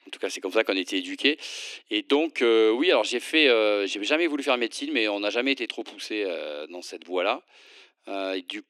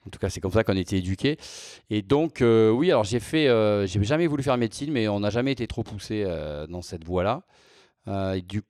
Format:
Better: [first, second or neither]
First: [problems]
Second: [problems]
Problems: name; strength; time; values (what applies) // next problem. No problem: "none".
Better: second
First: thin; very slightly; fading below 250 Hz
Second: none